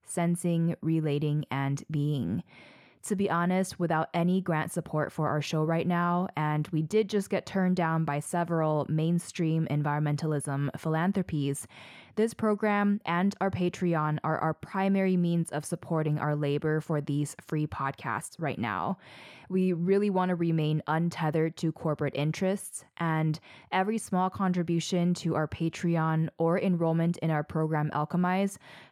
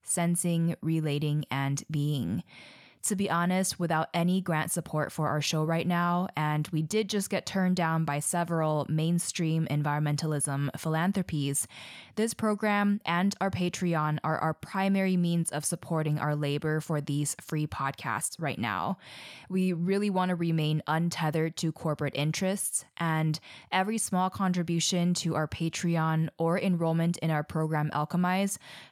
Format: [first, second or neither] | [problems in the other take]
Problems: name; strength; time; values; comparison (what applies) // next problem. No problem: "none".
second | muffled; slightly; fading above 3 kHz